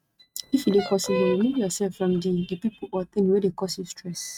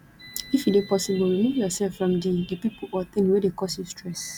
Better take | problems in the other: second | noise reduction (neural mask model RNNoise)

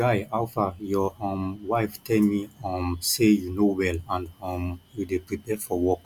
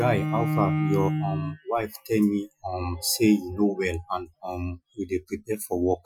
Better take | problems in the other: first | noise reduction (classical method Wiener filter)

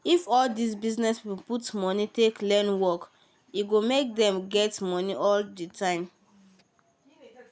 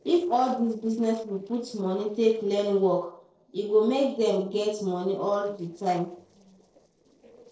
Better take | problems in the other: first | noise reduction (neural separator model SepFormer DNS4)

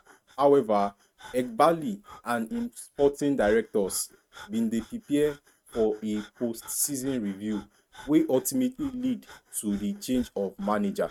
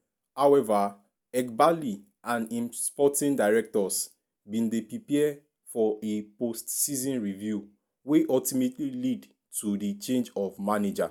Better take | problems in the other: second | noise reduction (neural mask model RNNoise)

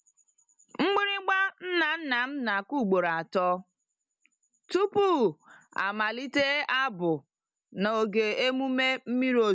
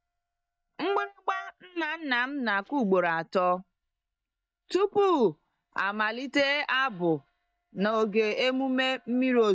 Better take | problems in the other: first | noise reduction (neural mask model DeepFilterNet 3)

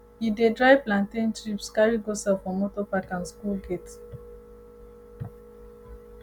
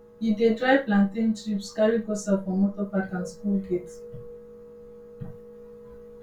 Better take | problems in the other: first | room echo; dies away in 0.2 s

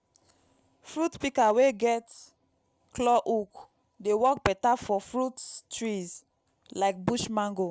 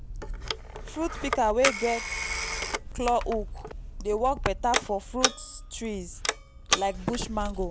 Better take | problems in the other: first | background sound (Telephone); 2 dB below the speech

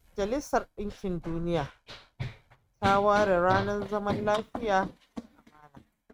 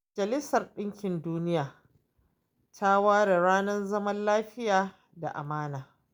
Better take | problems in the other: second | noise reduction (neural mask model RNNoise)

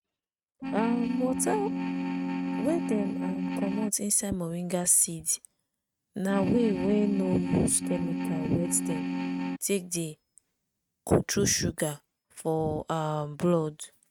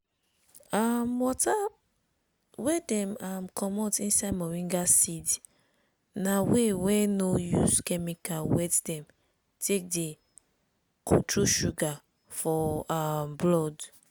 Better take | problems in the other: second | noise reduction (neural mask model RNNoise)

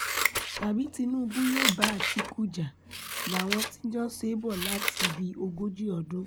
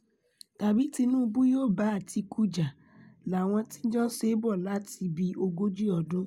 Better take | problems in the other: second | background sound (Scissors); 1 dB below the speech

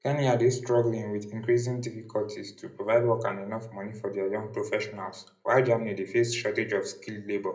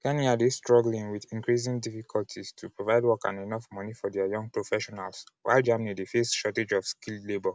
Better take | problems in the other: second | room echo; dies away in 0.5 s

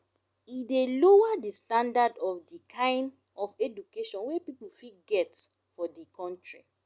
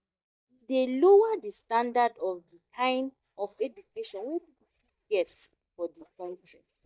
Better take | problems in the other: first | noise reduction (neural mask model DeepFilterNet 3)

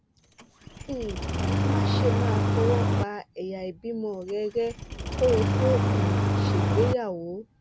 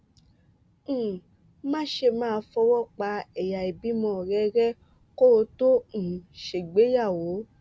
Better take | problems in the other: second | background sound (Engine starting); 5 dB above the speech

